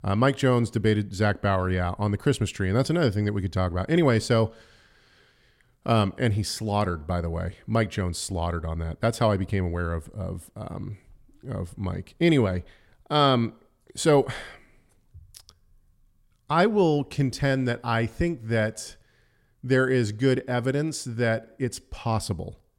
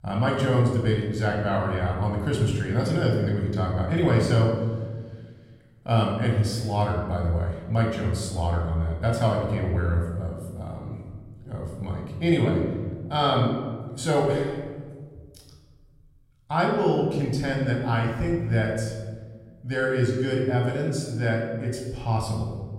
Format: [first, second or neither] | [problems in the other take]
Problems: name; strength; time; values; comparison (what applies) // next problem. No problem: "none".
first | off-mic speech; somewhat distant // room echo; noticeable; dies away in 1.4 s